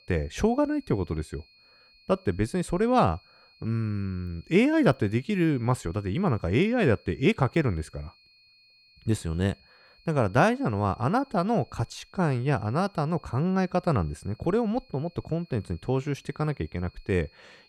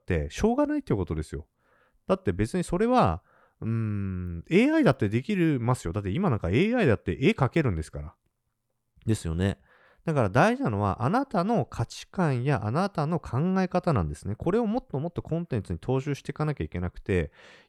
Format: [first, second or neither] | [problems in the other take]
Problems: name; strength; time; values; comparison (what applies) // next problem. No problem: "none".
second | high-pitched whine; faint; throughout; 4.5 kHz, 30 dB below the speech